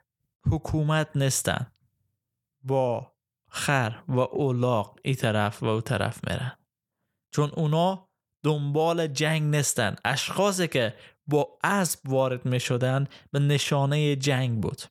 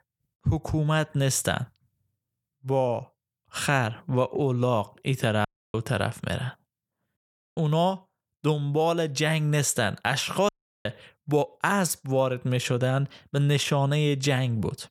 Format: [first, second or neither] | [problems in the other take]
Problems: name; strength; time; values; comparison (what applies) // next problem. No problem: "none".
first | audio cutting out; at 5.5 s, at 7 s and at 10 s